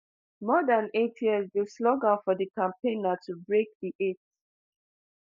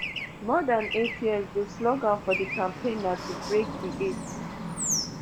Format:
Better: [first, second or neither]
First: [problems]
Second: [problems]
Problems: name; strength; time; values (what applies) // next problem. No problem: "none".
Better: first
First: none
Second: background sound (Traffic noise, roadway noise / Bird); 6 dB below the speech